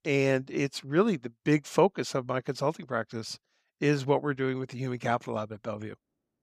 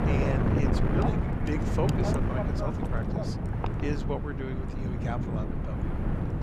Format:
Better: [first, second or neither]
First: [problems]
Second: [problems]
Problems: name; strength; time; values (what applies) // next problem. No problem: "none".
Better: first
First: none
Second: wind noise on the microphone; heavy; 3 dB above the speech